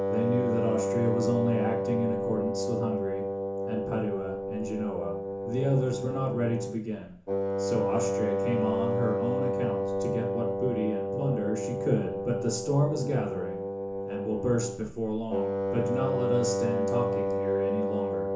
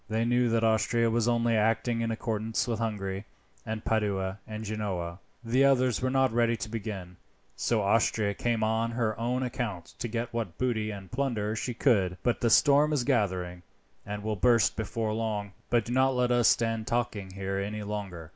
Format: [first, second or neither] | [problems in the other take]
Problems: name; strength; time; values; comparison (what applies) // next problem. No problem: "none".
second | background sound (Wind instrument, woodwind instrument); 1 dB above the speech // room echo; dies away in 0.7 s